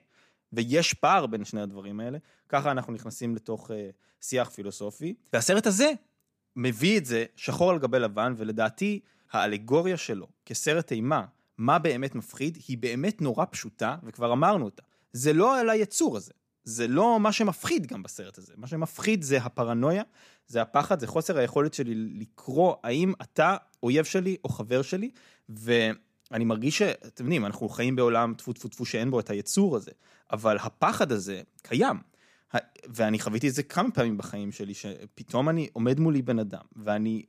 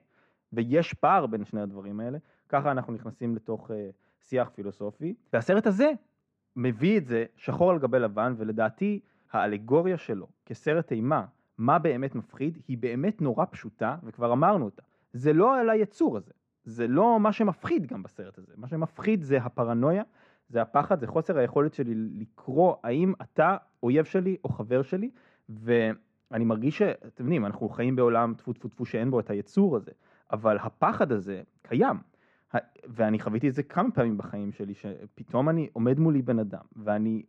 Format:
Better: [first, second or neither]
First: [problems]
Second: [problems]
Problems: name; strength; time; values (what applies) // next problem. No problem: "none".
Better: first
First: none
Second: muffled; very; fading above 1.5 kHz